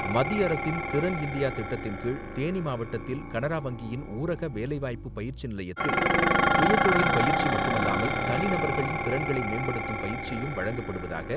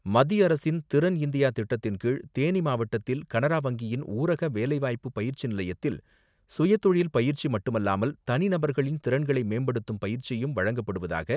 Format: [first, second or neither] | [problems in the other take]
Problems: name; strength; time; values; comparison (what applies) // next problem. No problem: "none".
second | background sound (Dishes, pots, and pans); 1 dB above the speech